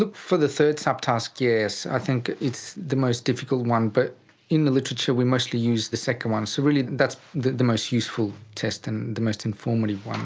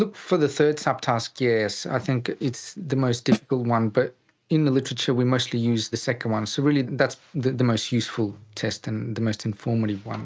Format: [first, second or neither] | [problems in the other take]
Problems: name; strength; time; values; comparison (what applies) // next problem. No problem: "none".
first | noise reduction (neural mask model RNNoise)